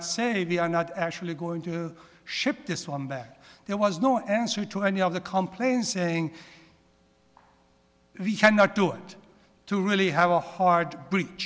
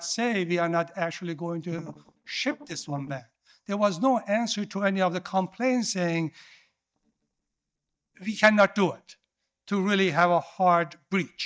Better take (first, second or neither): first